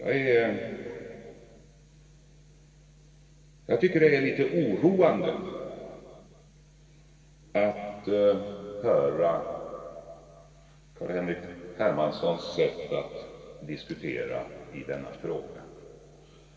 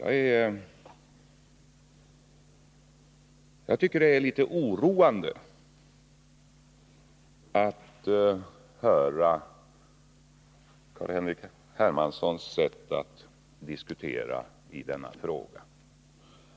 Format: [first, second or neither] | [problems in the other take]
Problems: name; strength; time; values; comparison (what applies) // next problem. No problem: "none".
second | room echo; dies away in 2.5 s